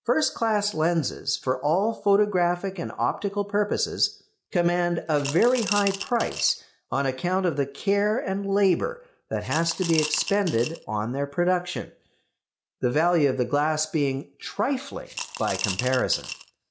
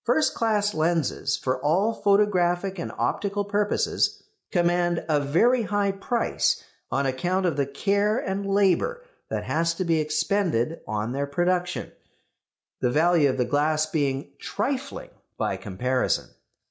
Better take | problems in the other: second | background sound (Coin (dropping) / Glass); 9 dB below the speech

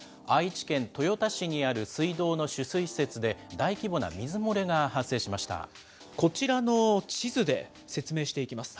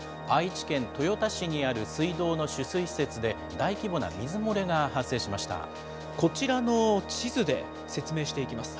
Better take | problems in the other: first | background sound (Organ); 10 dB below the speech

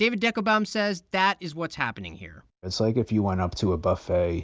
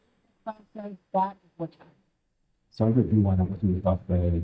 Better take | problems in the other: first | noise reduction (neural mask model DeepFilterNet 3)

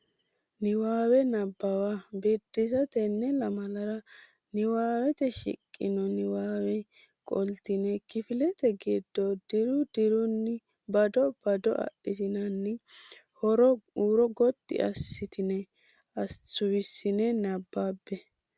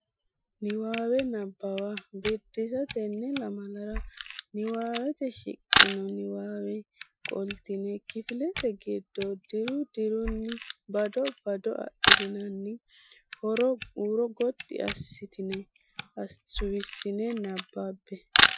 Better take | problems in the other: first | noise reduction (classical method Wiener filter)

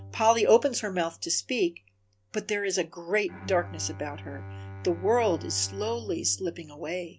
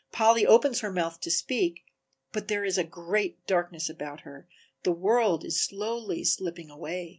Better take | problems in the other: second | background sound (Bowed string instrument); 15 dB below the speech

